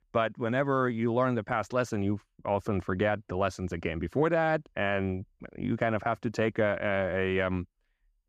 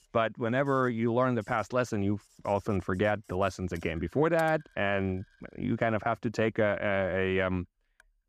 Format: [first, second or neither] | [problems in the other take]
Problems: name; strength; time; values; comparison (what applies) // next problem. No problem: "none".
first | household noises; faint; throughout; 25 dB below the speech